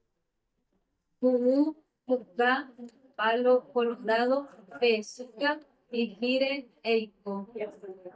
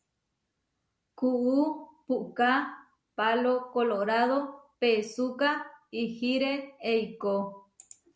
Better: second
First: noise reduction (neural mask model DeepFilterNet 3)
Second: none

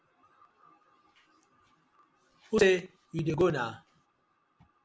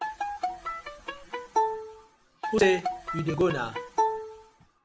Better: first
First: none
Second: background sound (Bowed string instrument); 1 dB below the speech

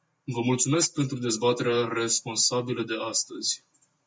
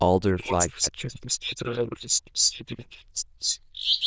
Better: first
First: none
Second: noise reduction (neural diffusion model UNIVERSE++)

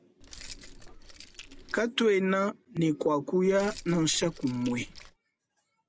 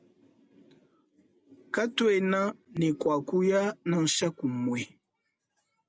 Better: second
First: background sound (Keys jangling); 17 dB below the speech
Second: none

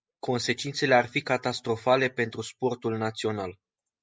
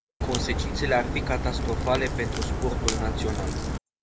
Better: first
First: none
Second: background sound (Crack); 3 dB above the speech

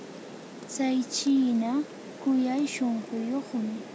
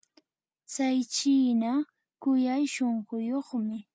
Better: second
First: background sound (Rain); 14 dB below the speech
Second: none

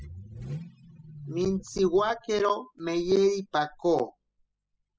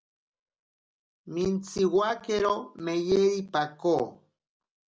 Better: second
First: noise reduction (classical method spectral subtraction)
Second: none

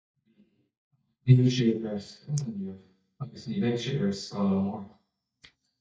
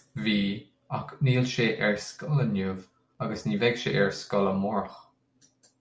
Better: second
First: noise reduction (neural mask model DeepFilterNet 3)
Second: none

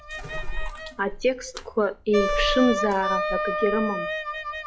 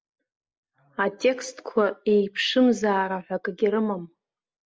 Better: second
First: noise reduction (classical method log-MMSE)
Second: none

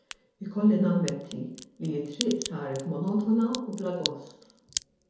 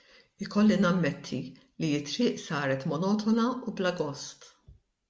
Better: second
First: background sound (Crack); 12 dB below the speech // room echo; dies away in 0.8 s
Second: none

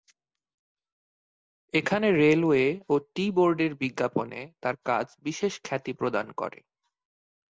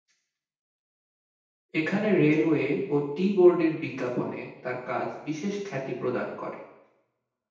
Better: first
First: none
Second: room echo; dies away in 0.8 s

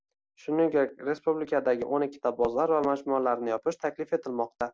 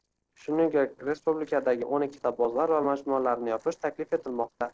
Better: first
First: none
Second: noise reduction (neural separator model SepFormer DNS4)

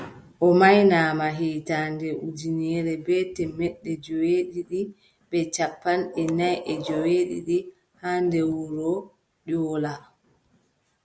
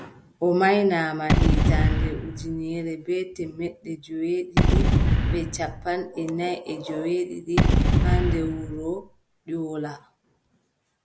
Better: first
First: none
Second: background sound (Gunshot, gunfire / Boom); 4 dB above the speech

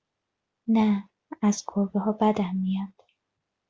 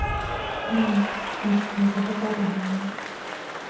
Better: first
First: none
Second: background sound (Applause / Cheering); 4 dB below the speech // room echo; dies away in 0.9 s

